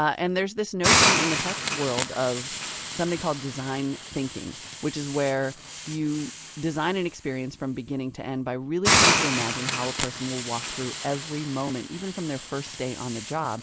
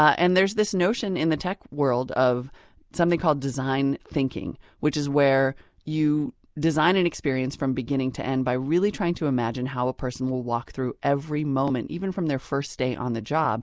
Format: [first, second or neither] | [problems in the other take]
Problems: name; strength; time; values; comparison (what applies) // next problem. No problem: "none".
second | background sound (Hiss); 1 dB above the speech